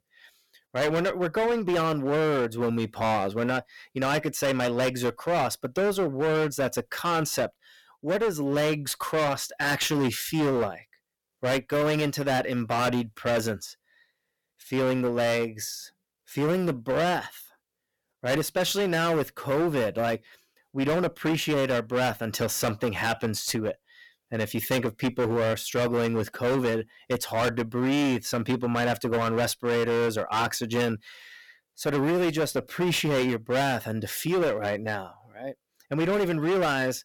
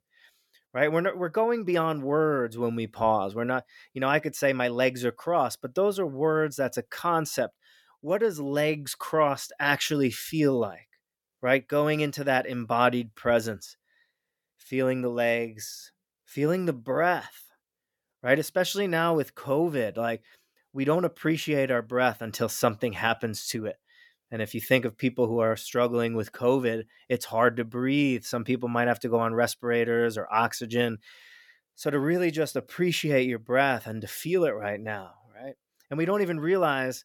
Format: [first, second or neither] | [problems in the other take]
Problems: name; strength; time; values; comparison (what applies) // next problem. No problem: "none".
second | distortion; heavy; 19% of the sound clipped